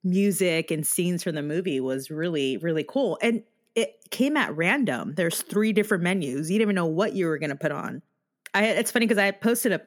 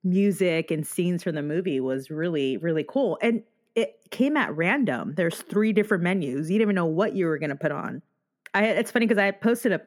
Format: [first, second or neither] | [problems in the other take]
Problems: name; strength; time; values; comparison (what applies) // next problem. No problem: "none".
first | muffled; slightly; fading above 3 kHz